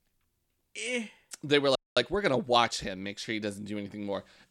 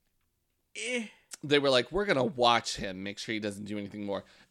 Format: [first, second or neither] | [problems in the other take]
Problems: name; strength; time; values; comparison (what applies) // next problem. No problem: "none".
second | audio freezing; at 2 s